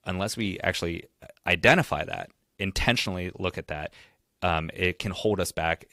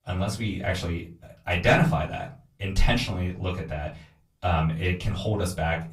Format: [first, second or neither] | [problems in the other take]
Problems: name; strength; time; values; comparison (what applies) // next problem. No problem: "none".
first | off-mic speech; far // room echo; very slight; dies away in 0.4 s